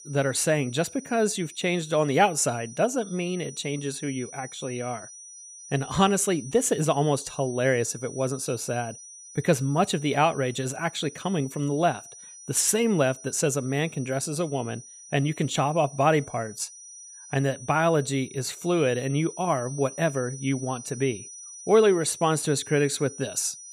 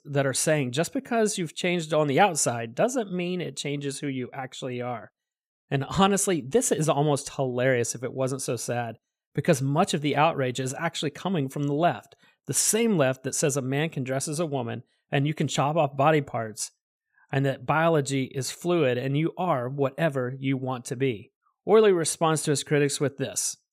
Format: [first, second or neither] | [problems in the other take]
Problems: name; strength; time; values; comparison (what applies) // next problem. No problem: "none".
second | high-pitched whine; noticeable; throughout; 6 kHz, 15 dB below the speech